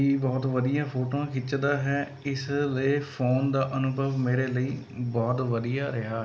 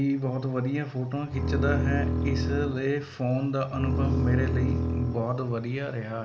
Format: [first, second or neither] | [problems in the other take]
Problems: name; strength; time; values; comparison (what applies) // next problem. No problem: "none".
first | background sound (Bowed string instrument); as loud as the speech